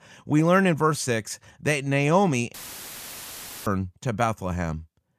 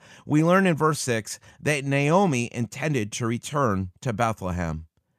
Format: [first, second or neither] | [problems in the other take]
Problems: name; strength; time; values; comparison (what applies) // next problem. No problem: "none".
second | audio cutting out; filled with static; at 2.5 s for 1 s